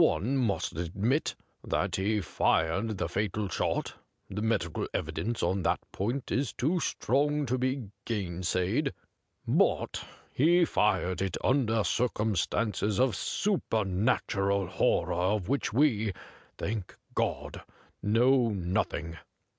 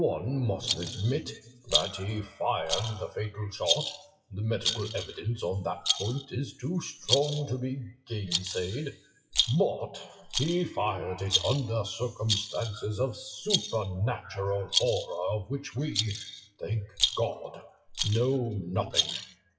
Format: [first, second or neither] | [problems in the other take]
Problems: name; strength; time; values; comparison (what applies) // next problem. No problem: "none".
first | noise reduction (classical method WPE with log-MMSE)